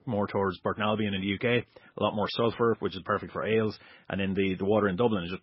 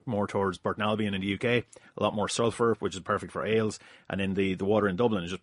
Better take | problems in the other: second | garbled, watery; badly; nothing above 5.5 kHz; slightly in the second

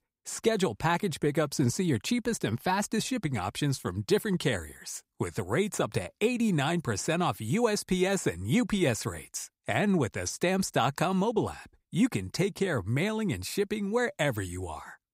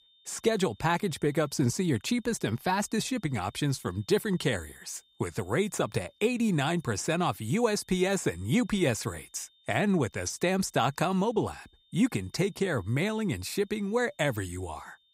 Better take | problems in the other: first | high-pitched whine; faint; throughout; 3.5 kHz, 35 dB below the speech

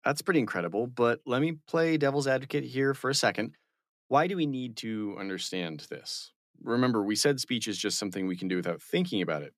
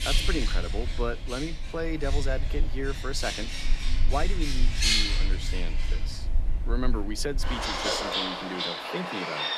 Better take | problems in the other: first | animal sounds; very loud; throughout; 5 dB above the speech

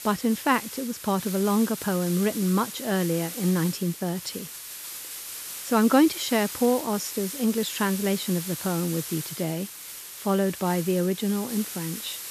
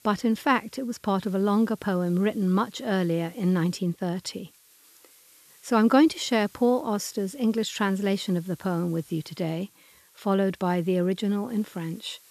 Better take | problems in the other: second | hiss; loud; throughout; 9 dB below the speech; faint in the second

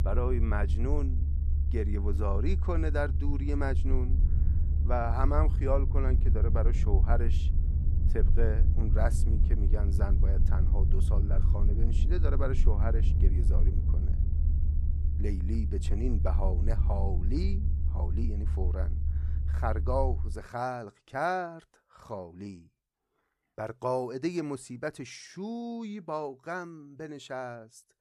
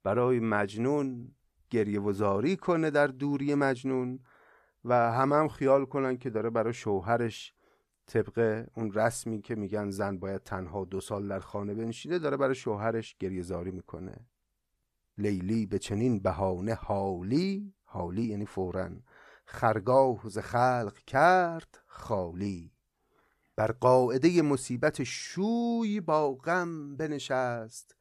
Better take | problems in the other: second | low rumble; noticeable; until 20 s; 10 dB below the speech

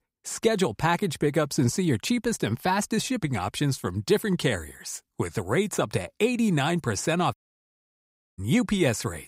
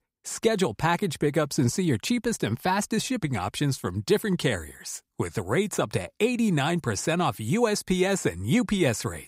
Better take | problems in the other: second | audio cutting out; at 7.5 s for 1 s

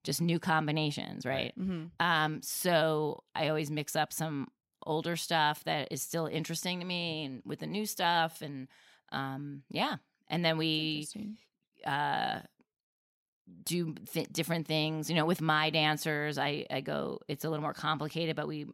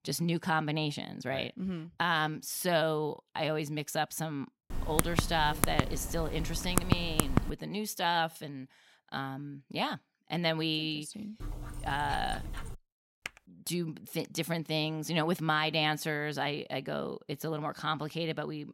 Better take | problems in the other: first | keyboard typing; loud; from 4.5 to 7.5 s; peak 3 dB above the speech // dog barking; noticeable; from 11 to 13 s; peak 9 dB below the speech // keyboard typing; very faint; at 13 s; peak 10 dB below the speech

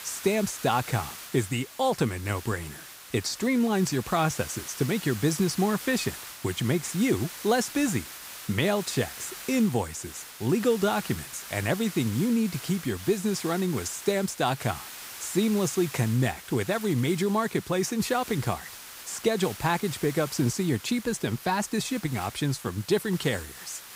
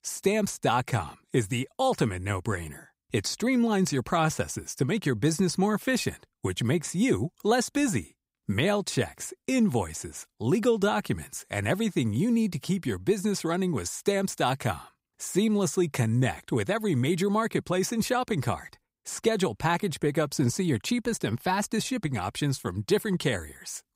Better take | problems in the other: second | hiss; noticeable; throughout; 10 dB below the speech

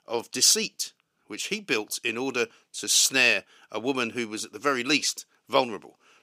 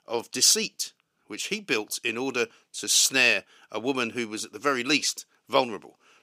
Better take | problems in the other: neither | thin; very slightly; fading below 300 Hz; the same in both

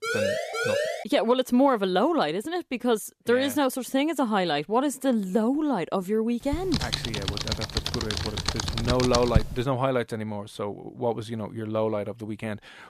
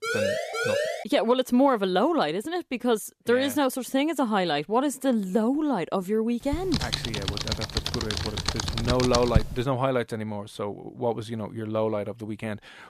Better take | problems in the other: neither | siren; loud; until 1 s; peak level with the speech; the same in both // keyboard typing; loud; from 6.5 to 9.5 s; peak 1 dB above the speech; the same in both

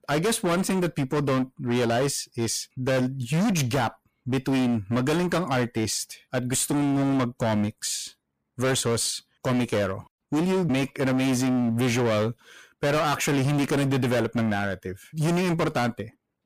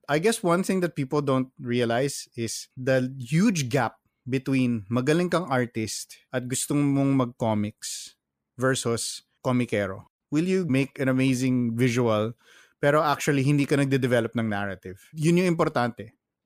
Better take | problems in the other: second | distortion; heavy; 23% of the sound clipped

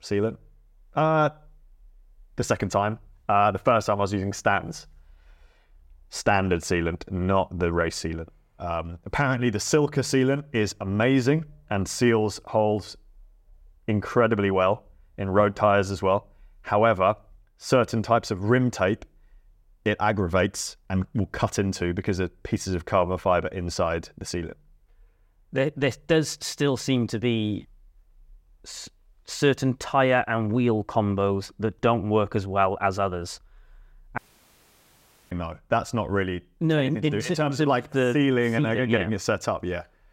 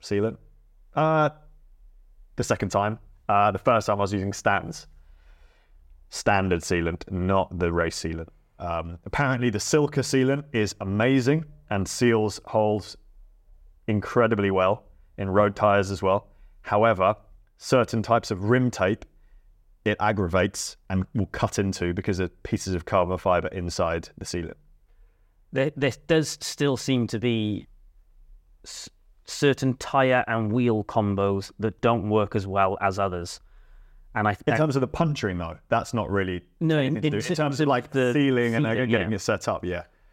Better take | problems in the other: second | audio cutting out; at 34 s for 1 s

